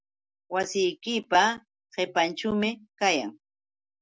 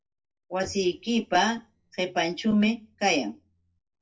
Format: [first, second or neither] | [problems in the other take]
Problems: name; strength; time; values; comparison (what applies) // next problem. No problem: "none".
first | noise reduction (neural separator model SepFormer DNS4)